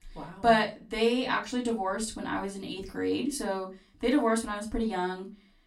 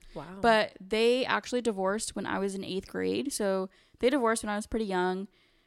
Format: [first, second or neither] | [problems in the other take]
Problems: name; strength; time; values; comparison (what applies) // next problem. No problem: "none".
second | off-mic speech; far // room echo; very slight; dies away in 0.2 s